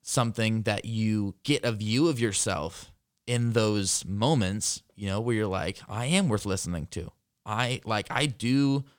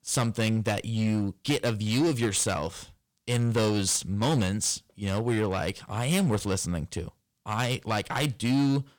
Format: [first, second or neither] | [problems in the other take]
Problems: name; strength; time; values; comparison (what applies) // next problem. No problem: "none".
first | distortion; slight; 9% of the sound clipped